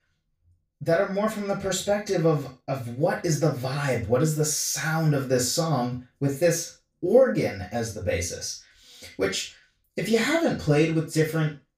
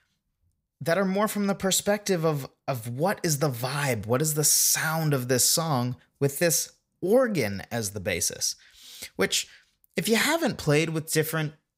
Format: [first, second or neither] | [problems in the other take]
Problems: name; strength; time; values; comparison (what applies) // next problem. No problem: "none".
second | room echo; slight; dies away in 0.3 s // off-mic speech; far